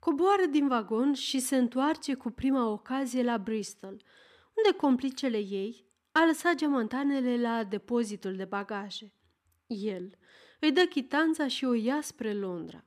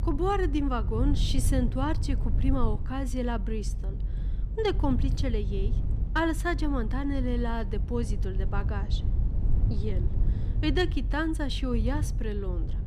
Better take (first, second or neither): first